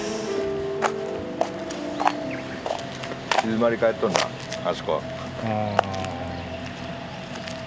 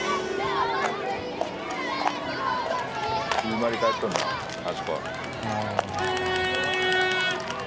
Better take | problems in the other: first | background sound (Crowd); 3 dB above the speech

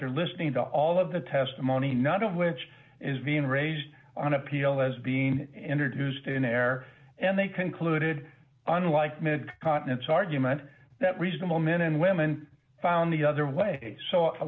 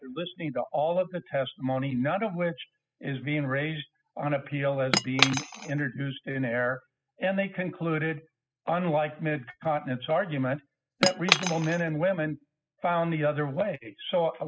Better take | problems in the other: first | noise reduction (classical method spectral subtraction)

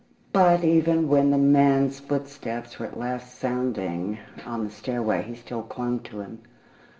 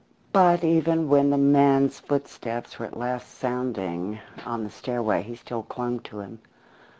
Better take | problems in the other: second | room echo; dies away in 1.1 s

